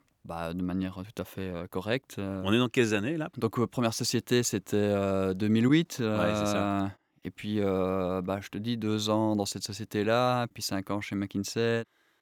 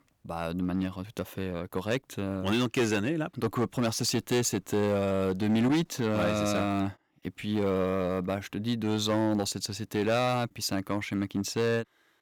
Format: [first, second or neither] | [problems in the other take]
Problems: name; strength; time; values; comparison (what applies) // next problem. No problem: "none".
first | distortion; slight; 6% of the sound clipped